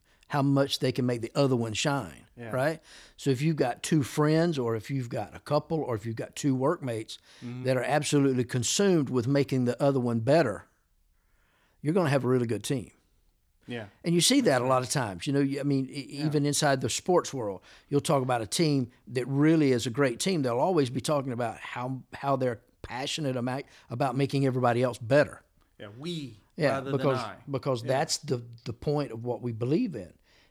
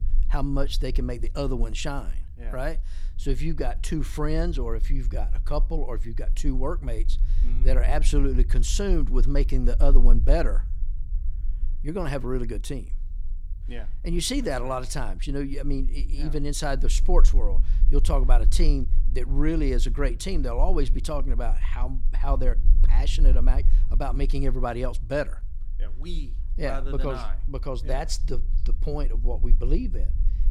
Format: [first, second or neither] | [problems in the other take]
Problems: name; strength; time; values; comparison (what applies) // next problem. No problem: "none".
first | low rumble; faint; throughout; 20 dB below the speech